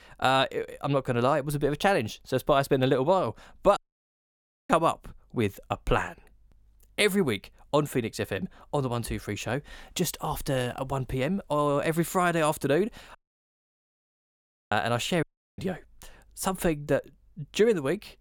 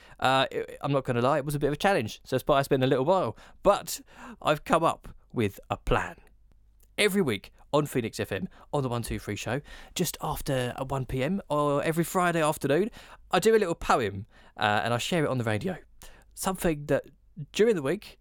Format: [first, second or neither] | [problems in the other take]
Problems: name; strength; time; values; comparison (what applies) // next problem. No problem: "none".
second | audio cutting out; at 4 s for 1 s, at 13 s for 1.5 s and at 15 s